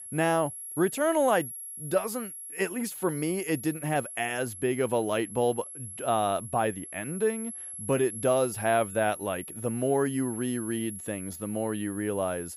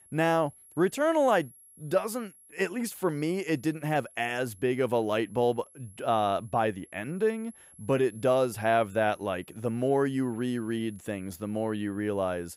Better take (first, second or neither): second